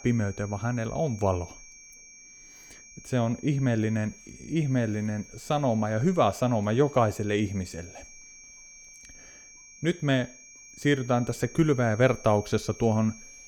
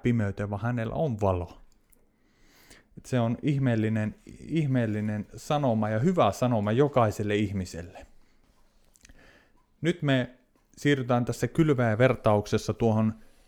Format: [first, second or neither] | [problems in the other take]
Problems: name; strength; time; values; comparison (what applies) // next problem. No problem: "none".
second | high-pitched whine; noticeable; throughout; 6.5 kHz, 20 dB below the speech